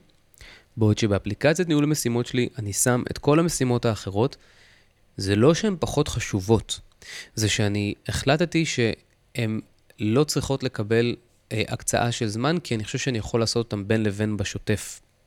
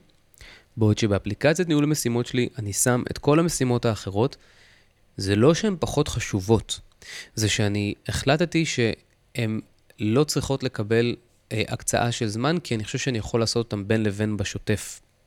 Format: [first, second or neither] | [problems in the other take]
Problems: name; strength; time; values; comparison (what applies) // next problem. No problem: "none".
neither | none